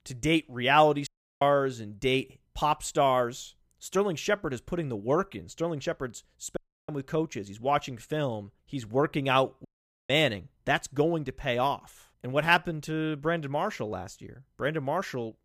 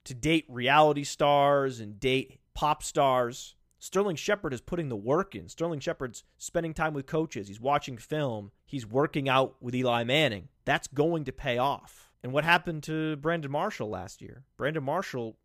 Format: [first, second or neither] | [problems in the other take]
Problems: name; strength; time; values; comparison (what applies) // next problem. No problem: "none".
second | audio cutting out; at 1 s, at 6.5 s and at 9.5 s